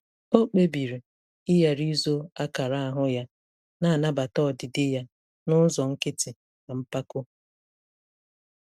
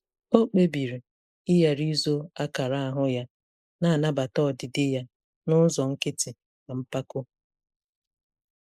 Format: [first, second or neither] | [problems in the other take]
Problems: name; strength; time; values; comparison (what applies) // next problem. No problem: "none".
first | noise reduction (neural mask model Resemble Enhance denoiser)